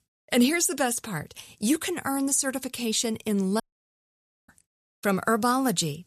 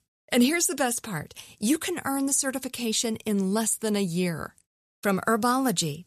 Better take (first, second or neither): second